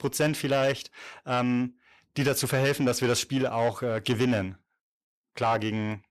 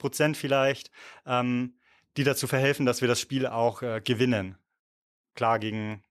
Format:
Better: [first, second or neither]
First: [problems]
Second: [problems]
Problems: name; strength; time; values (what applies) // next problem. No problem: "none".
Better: second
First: distortion; slight; 10 dB below the speech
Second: none